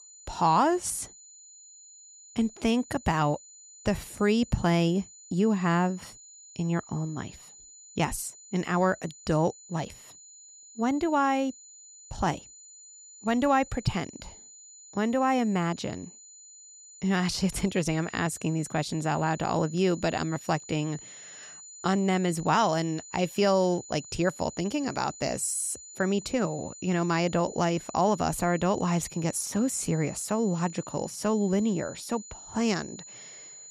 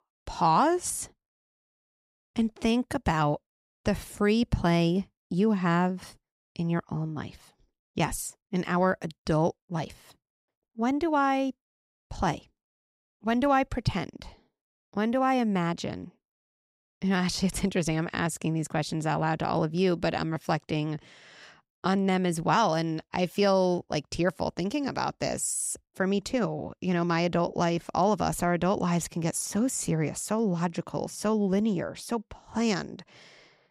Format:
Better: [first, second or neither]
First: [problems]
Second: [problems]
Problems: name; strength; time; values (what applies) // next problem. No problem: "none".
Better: second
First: high-pitched whine; noticeable; throughout; 7 kHz, 15 dB below the speech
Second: none